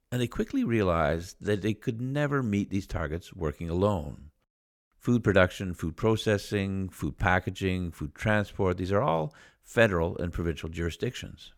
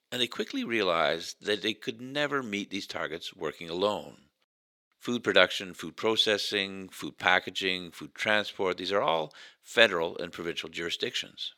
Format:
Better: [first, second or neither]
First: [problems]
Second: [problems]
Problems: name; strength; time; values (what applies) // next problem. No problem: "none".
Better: first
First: none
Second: thin; somewhat; fading below 350 Hz